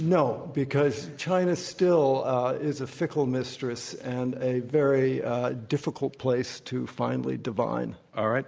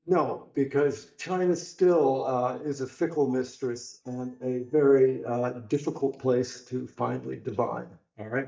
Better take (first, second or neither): first